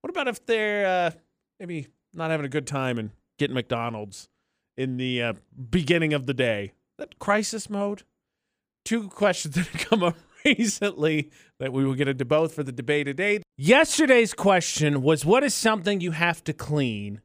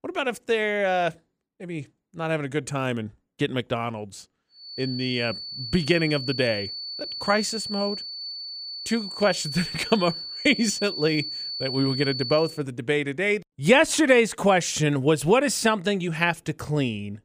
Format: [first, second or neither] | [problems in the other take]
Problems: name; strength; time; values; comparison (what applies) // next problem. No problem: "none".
first | high-pitched whine; loud; from 4.5 to 12 s; 4.5 kHz, 7 dB below the speech